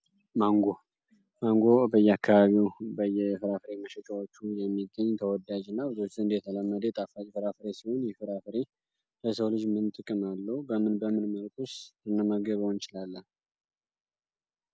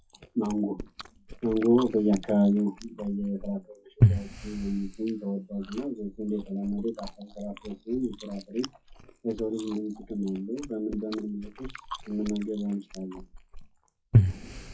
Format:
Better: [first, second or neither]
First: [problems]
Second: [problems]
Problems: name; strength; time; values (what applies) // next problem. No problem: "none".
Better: first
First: none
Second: noise reduction (classical method WPE with log-MMSE)